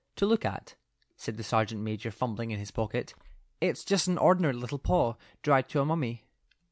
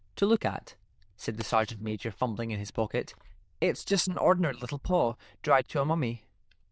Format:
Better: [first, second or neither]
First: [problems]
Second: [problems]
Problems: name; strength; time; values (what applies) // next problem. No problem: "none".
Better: first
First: none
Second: noise reduction (neural diffusion model UNIVERSE++)